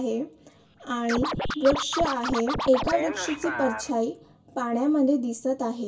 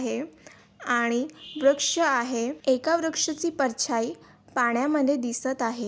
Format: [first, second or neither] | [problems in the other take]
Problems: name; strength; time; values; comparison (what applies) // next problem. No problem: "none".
second | background sound (Scratching (performance technique)); 5 dB below the speech // room echo; dies away in 0.2 s